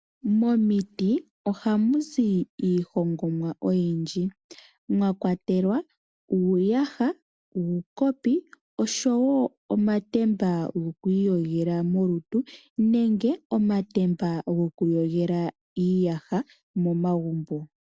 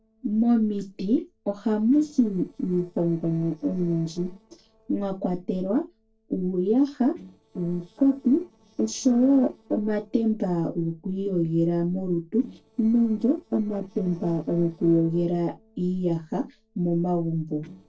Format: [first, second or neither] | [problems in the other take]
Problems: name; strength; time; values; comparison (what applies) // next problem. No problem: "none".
first | noise reduction (neural separator model SepFormer DNS4)